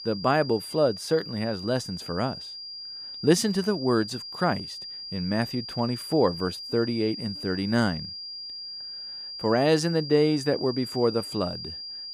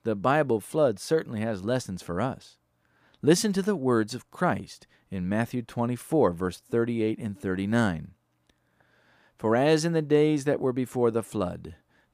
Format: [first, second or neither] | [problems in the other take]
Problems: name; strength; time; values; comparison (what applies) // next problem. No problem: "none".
second | high-pitched whine; loud; throughout; 5 kHz, 9 dB below the speech